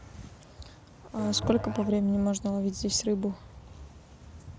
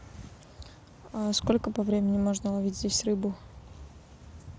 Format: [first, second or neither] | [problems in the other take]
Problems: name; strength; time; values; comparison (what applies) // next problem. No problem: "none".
second | background sound (Musical instrument); 13 dB below the speech